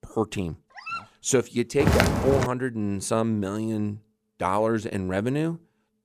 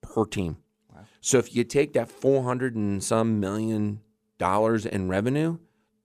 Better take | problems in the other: second | dog barking; noticeable; at 1 s; peak 8 dB below the speech // footsteps; loud; at 2 s; peak 5 dB above the speech

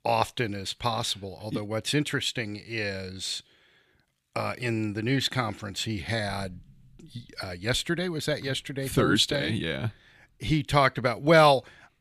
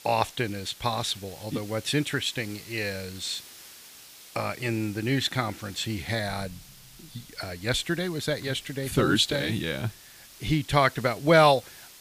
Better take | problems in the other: first | hiss; noticeable; throughout; 20 dB below the speech

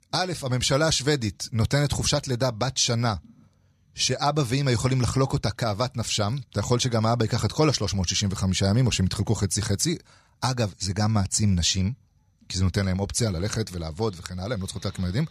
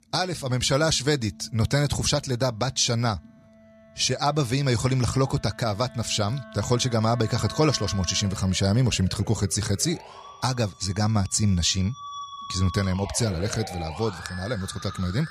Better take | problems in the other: first | background music; noticeable; throughout; 15 dB below the speech

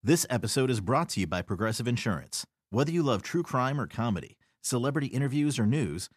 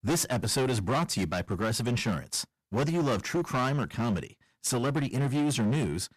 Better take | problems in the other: first | distortion; heavy; 17% of the sound clipped

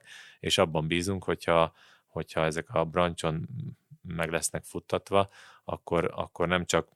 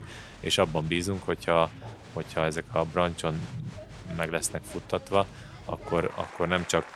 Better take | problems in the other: first | crowd noise; noticeable; throughout; 15 dB below the speech

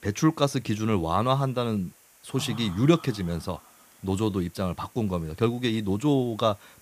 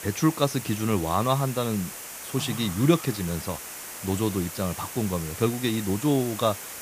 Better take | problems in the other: first | hiss; loud; throughout; 9 dB below the speech; faint in the first

